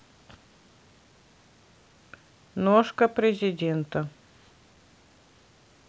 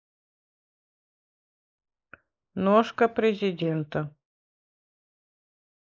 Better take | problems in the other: first | noise reduction (neural mask model Resemble Enhance denoiser)

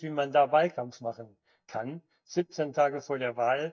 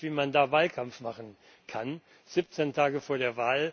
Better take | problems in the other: second | noise reduction (neural mask model DeepFilterNet 3)

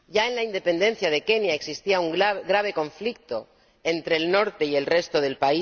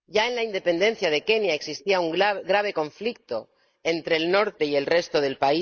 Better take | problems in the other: first | noise reduction (neural mask model Resemble Enhance denoiser)

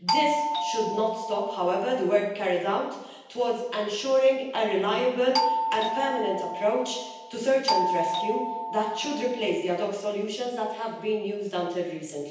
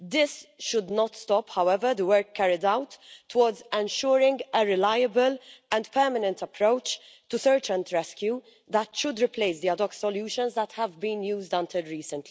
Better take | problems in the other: second | background sound (Doorbell); 2 dB below the speech // room echo; dies away in 0.9 s

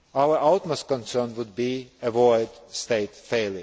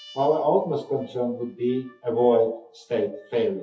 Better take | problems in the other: first | noise reduction (classical method WPE with log-MMSE)

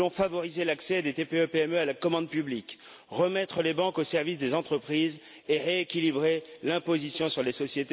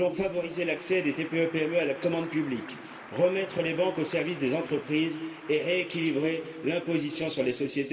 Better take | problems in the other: first | background sound (Applause); 19 dB below the speech // room echo; dies away in 1.8 s

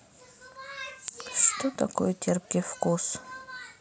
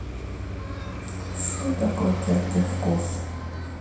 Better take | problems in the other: first | background sound (Traffic noise, roadway noise); 1 dB below the speech // room echo; dies away in 0.7 s

